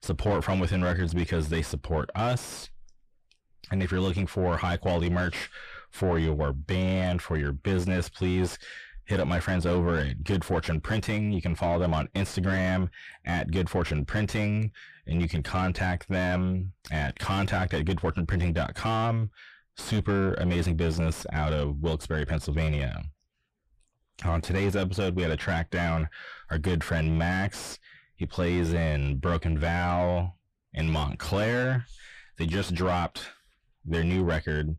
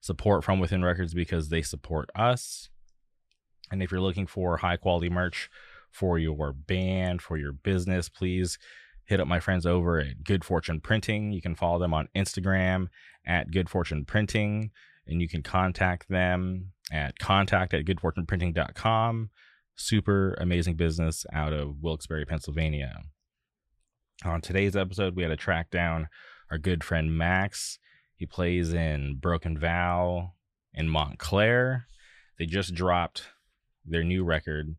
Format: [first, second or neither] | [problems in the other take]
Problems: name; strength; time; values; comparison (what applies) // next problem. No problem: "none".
second | distortion; heavy; 5 dB below the speech